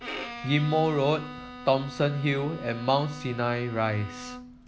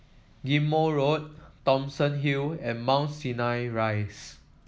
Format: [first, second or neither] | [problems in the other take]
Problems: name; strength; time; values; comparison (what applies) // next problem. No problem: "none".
second | background sound (Bowed string instrument); 13 dB below the speech